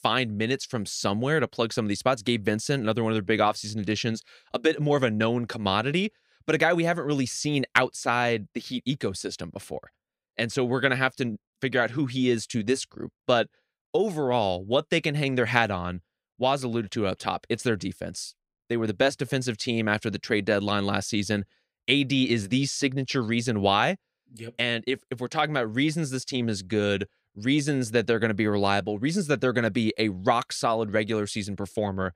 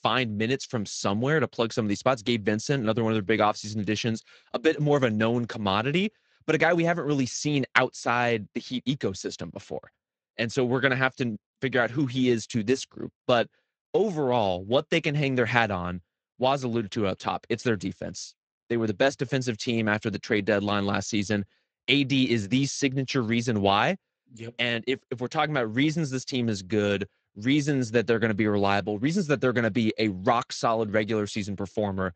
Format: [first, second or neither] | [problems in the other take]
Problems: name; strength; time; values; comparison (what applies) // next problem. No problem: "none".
first | garbled, watery; slightly; nothing above 7.5 kHz